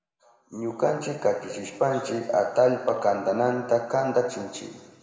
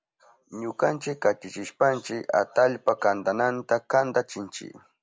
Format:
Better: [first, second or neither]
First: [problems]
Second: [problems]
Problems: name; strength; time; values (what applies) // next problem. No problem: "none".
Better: second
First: room echo; dies away in 1.6 s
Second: none